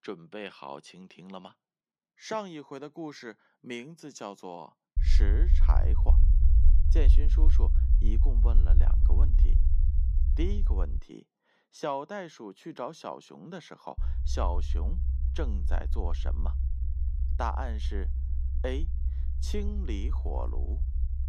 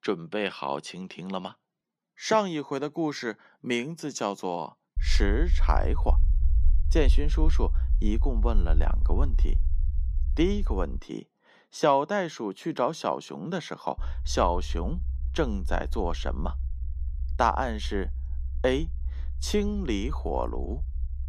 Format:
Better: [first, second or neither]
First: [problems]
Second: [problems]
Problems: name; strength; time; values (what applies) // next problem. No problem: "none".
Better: second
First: low rumble; loud; from 5 to 11 s and from 14 s on; 10 dB below the speech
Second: low rumble; faint; from 5 to 11 s and from 14 s on; 20 dB below the speech